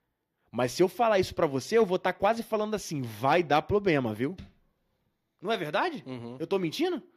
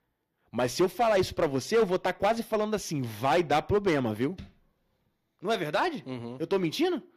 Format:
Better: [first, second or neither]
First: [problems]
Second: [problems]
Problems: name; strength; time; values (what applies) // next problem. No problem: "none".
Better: first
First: none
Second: distortion; slight; 4% of the sound clipped